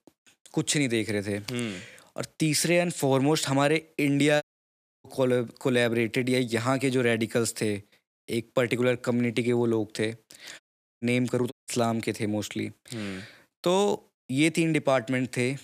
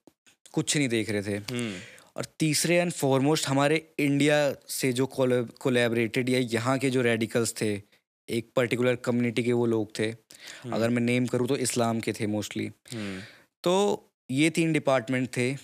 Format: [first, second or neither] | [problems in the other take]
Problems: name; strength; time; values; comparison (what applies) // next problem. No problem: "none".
second | audio cutting out; at 4.5 s for 0.5 s, at 11 s and at 12 s